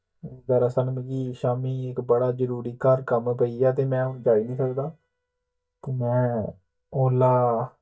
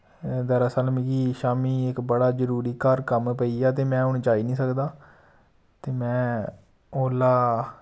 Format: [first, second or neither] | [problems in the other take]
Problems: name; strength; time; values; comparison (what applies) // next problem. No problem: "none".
second | noise reduction (neural mask model DeepFilterNet 3)